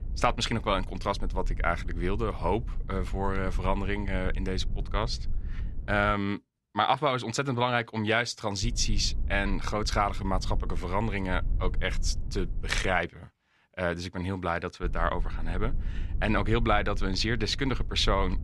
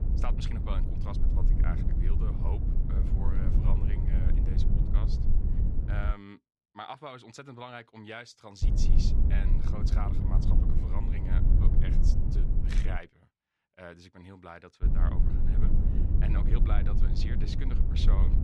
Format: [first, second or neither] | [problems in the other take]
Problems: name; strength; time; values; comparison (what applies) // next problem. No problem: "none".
first | low rumble; loud; until 6 s, from 8.5 to 13 s and from 15 s on; 1 dB below the speech; faint in the first